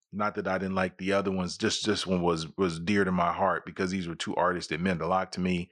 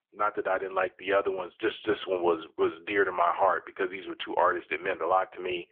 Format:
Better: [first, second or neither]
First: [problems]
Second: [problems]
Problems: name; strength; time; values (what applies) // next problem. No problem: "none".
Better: first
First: none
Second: phone-call audio; poor line; nothing above 3.5 kHz